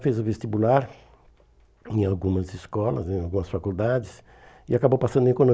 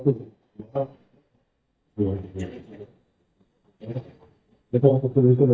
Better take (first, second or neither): first